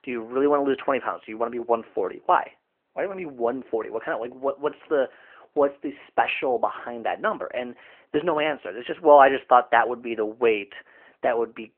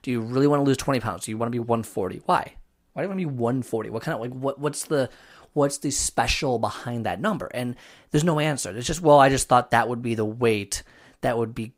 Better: second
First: phone-call audio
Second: none

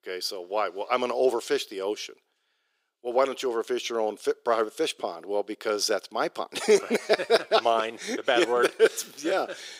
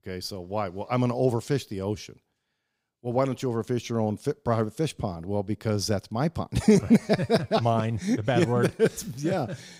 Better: second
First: thin; very; fading below 400 Hz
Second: none

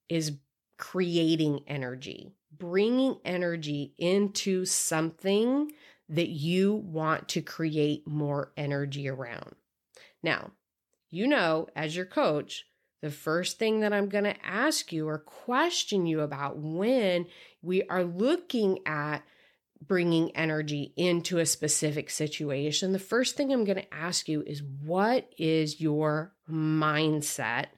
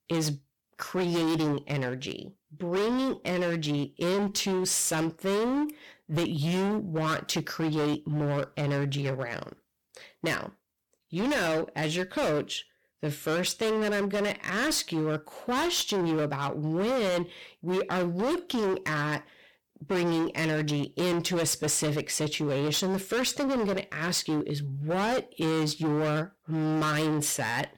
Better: first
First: none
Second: distortion; heavy; 24% of the sound clipped

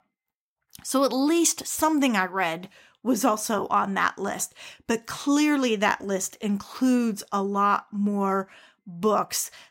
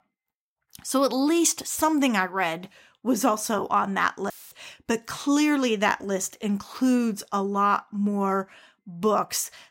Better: first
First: none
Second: audio cutting out; filled with static; at 4.5 s

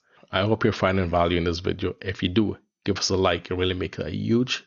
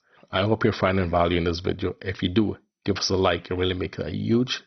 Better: first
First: garbled, watery; slightly; nothing above 6.5 kHz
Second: garbled, watery; badly; nothing above 6 kHz

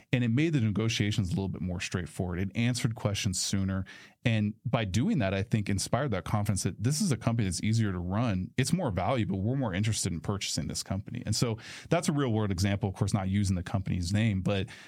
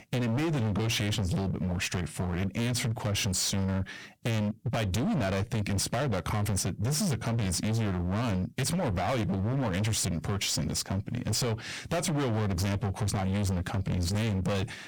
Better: first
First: none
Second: distortion; heavy; 36% of the sound clipped

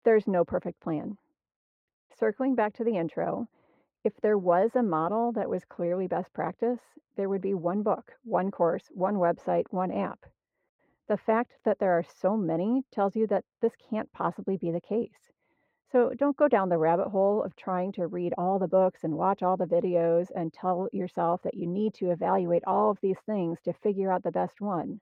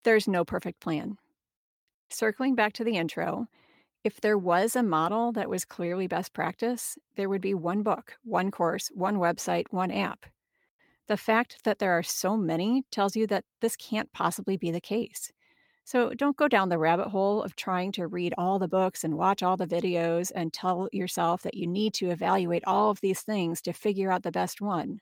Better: second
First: muffled; very; fading above 3 kHz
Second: none

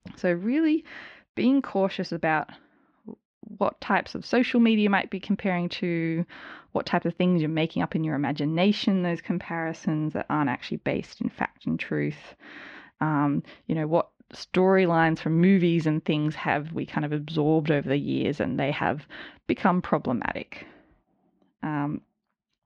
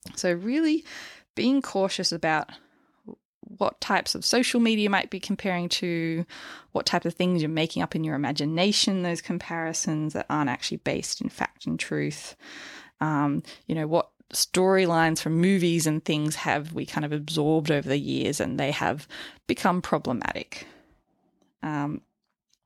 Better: second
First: muffled; slightly; fading above 3 kHz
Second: none

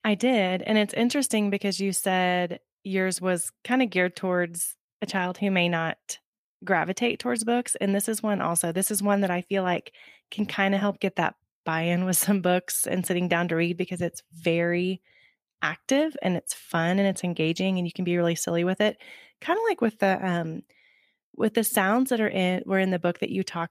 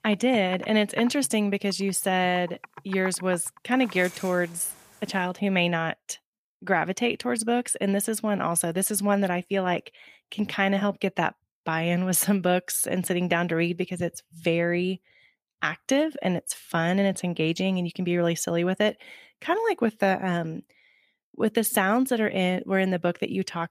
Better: first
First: none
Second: household noises; noticeable; until 5.5 s; 15 dB below the speech

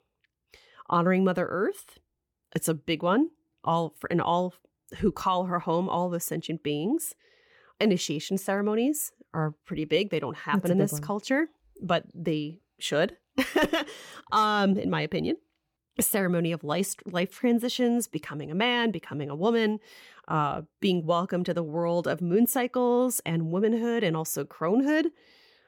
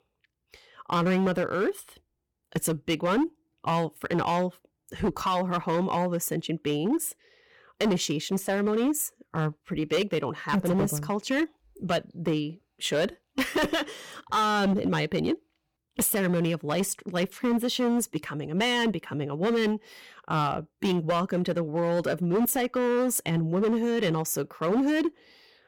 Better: first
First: none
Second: distortion; slight; 10% of the sound clipped

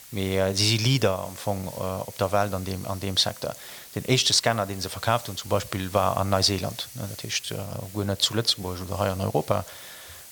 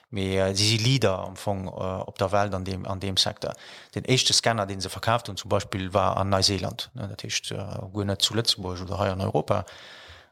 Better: second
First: hiss; noticeable; throughout; 15 dB below the speech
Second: none

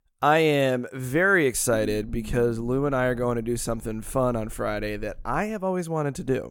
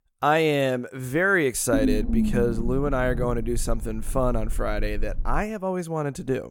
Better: first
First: low rumble; faint; from 1.5 to 5.5 s; 25 dB below the speech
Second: low rumble; loud; from 1.5 to 5.5 s; 9 dB below the speech

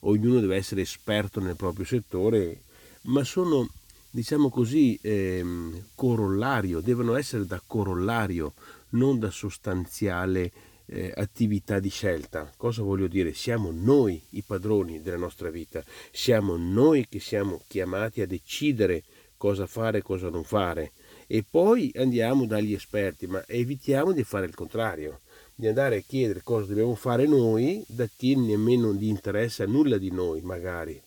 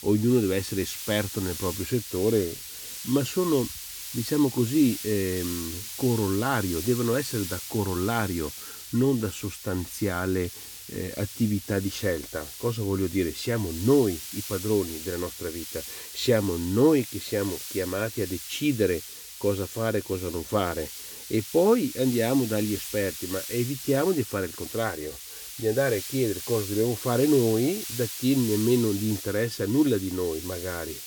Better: first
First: hiss; faint; throughout; 30 dB below the speech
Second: hiss; loud; throughout; 9 dB below the speech

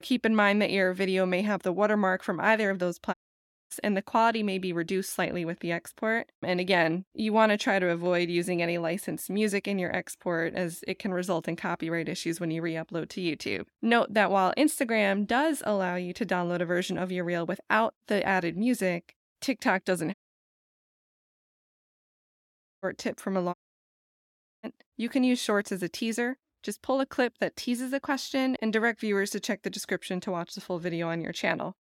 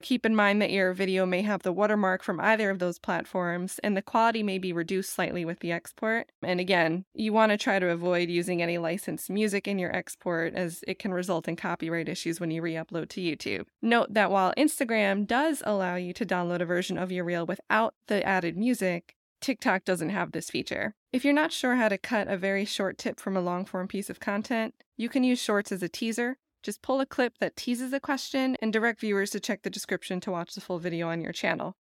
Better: second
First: audio cutting out; at 3 s for 0.5 s, at 20 s for 2.5 s and at 24 s for 1 s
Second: none

